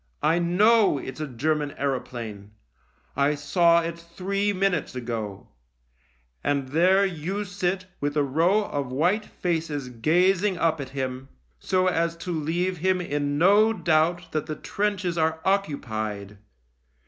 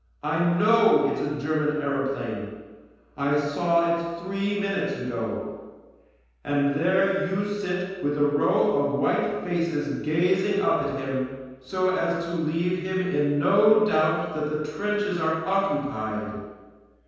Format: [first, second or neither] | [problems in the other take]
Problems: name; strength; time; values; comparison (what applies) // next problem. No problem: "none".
first | room echo; dies away in 1.2 s